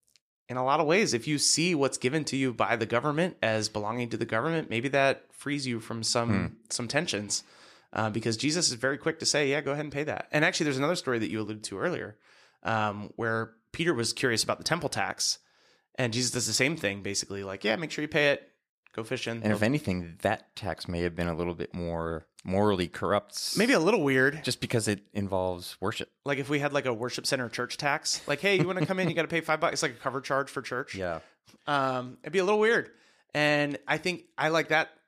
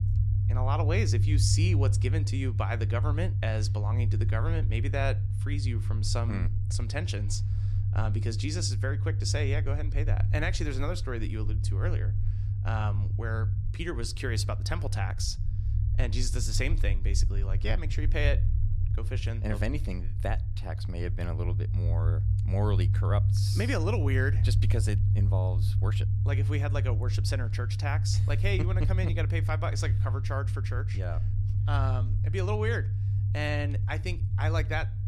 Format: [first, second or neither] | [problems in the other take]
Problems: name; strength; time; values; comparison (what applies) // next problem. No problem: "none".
first | low rumble; loud; throughout; 8 dB below the speech